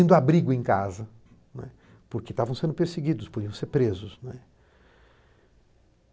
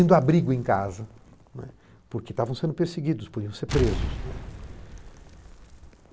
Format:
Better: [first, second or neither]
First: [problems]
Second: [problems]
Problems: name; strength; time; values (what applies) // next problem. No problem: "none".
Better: first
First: none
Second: background sound (Explosion); 9 dB below the speech